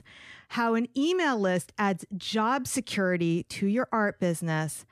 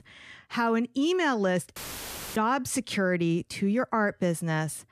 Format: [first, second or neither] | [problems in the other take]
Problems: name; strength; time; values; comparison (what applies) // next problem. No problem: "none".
first | audio cutting out; filled with static; at 2 s for 0.5 s